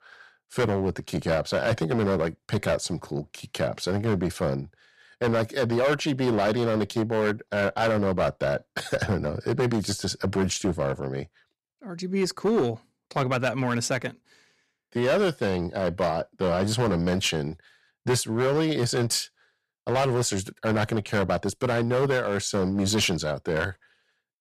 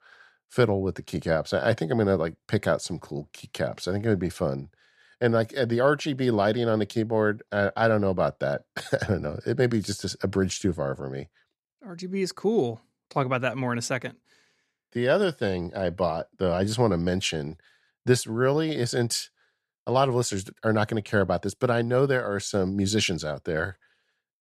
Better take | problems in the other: second | distortion; heavy; 9% of the sound clipped

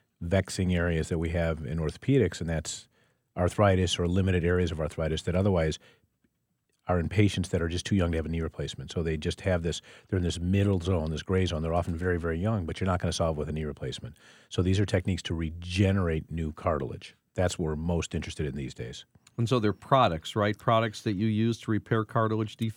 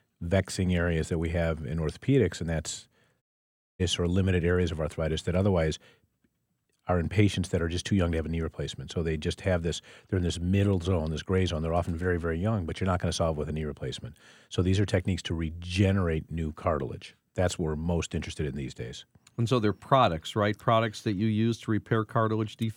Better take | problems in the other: first | audio cutting out; at 3 s for 0.5 s

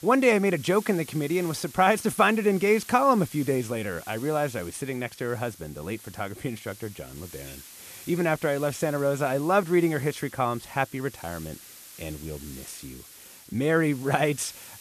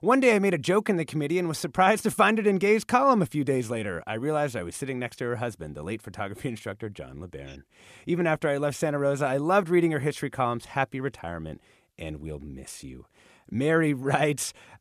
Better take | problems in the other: second | hiss; noticeable; throughout; 20 dB below the speech

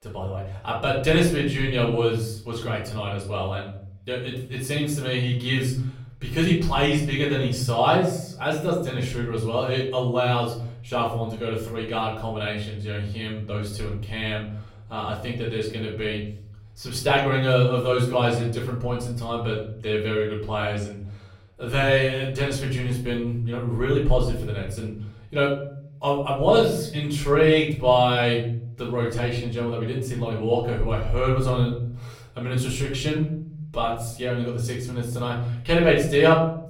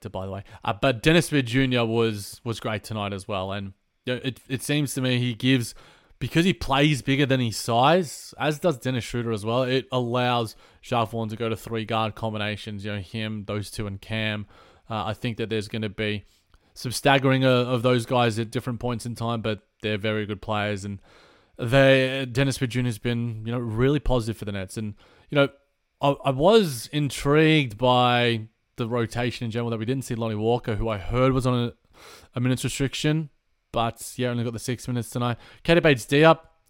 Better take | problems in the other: second | off-mic speech; far // room echo; slight; dies away in 0.8 s

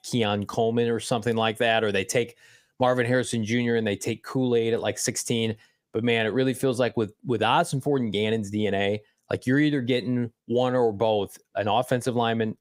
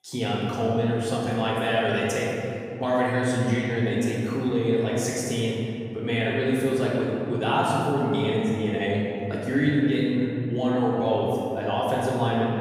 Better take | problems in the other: first | room echo; strong; dies away in 2.5 s // off-mic speech; far

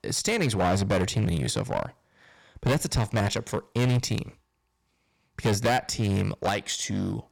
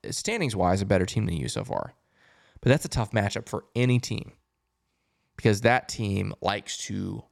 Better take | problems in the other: second | distortion; heavy; 11% of the sound clipped

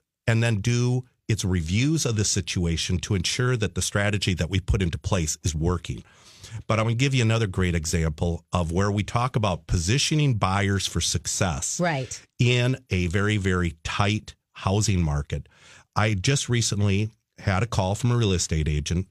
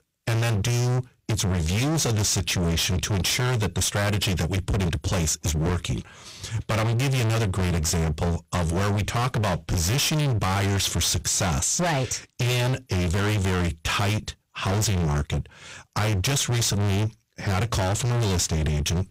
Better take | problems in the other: first | distortion; heavy; 44% of the sound clipped

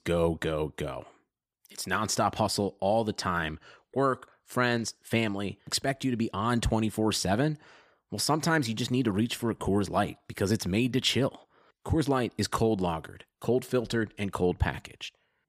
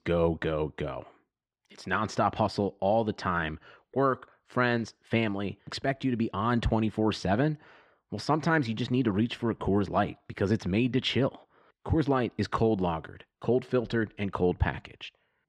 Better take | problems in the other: first | muffled; slightly; fading above 3 kHz

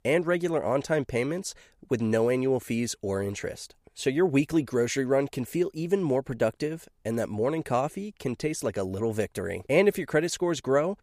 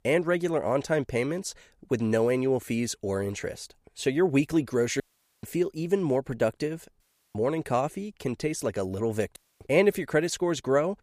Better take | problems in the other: first | audio cutting out; at 5 s, at 7 s and at 9.5 s

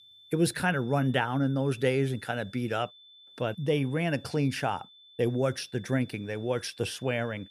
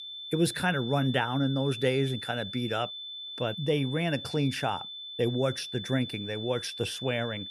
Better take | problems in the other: first | high-pitched whine; loud; throughout; 3.5 kHz, 8 dB below the speech; faint in the first

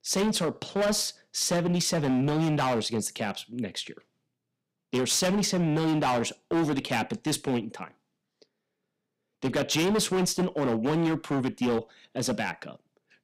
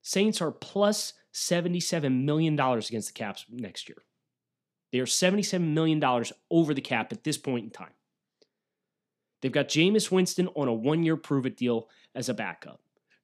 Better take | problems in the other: second | distortion; heavy; 14% of the sound clipped

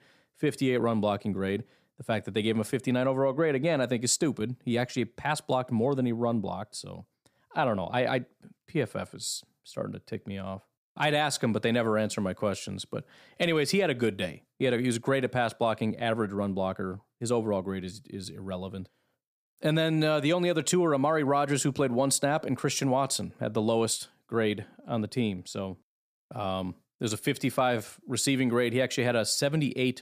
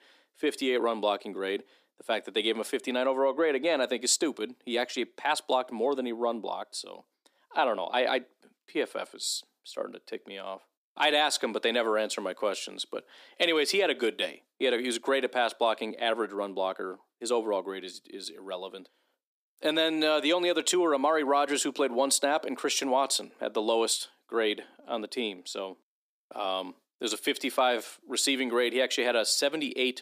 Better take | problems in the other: first | thin; somewhat; fading below 300 Hz

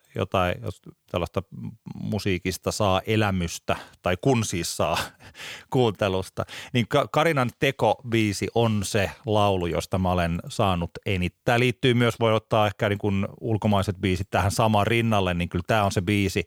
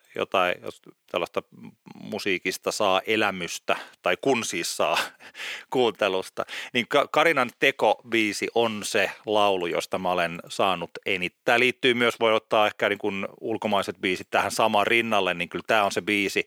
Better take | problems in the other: first | thin; somewhat; fading below 350 Hz

